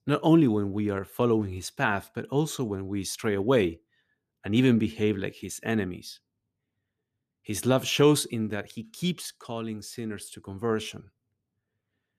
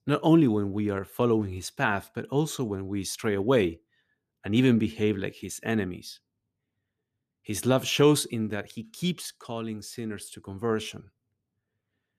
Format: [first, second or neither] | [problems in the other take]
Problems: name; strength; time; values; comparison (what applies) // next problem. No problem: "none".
neither | none